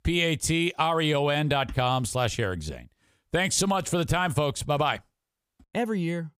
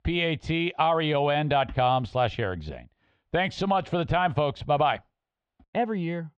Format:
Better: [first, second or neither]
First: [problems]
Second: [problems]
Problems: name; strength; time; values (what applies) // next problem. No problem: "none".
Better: first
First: none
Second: muffled; very; fading above 3.5 kHz